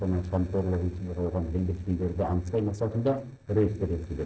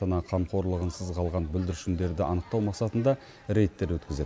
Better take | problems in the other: second | noise reduction (neural separator model SepFormer DNS4)

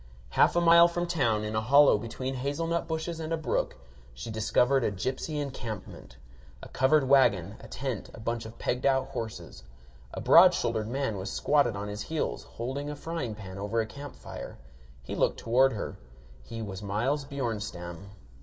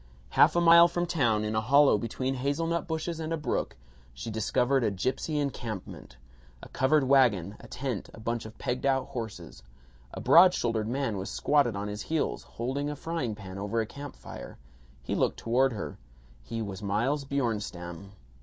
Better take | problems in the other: second | room echo; dies away in 0.9 s

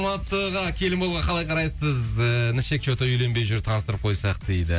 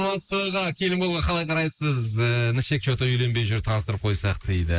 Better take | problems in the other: first | noise reduction (neural mask model Resemble Enhance denoiser)

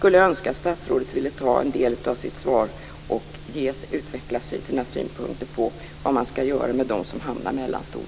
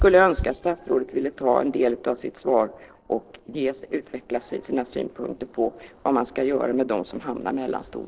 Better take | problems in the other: first | noise reduction (neural separator model SepFormer DNS4)

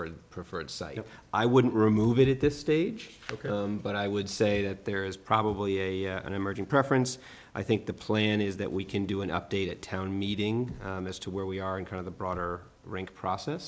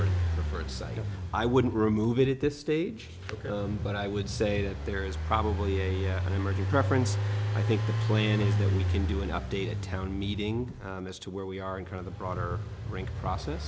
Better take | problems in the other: first | background sound (Engine); as loud as the speech

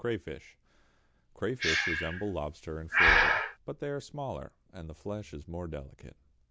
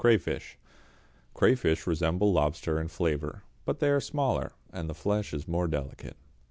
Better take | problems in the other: second | background sound (Breathing); 5 dB above the speech

